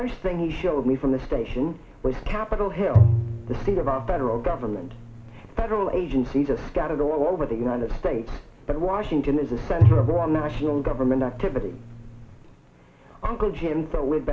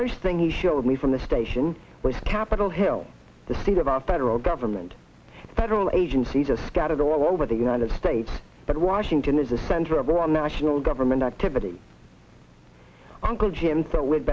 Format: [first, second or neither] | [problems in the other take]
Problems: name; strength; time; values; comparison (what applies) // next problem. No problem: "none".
second | background sound (Bowed string instrument); 1 dB above the speech // room echo; dies away in 1.8 s